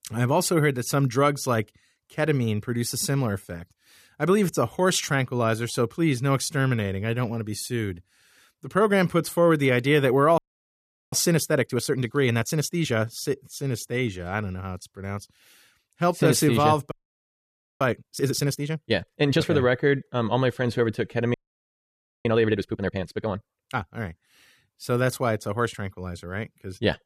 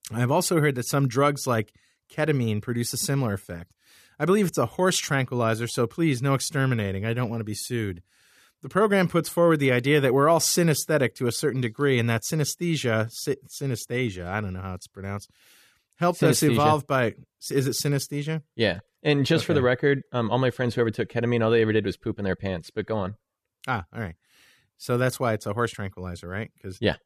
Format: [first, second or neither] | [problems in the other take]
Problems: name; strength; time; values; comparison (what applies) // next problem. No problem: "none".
second | audio freezing; at 10 s for 0.5 s, at 17 s for 1 s and at 21 s for 1 s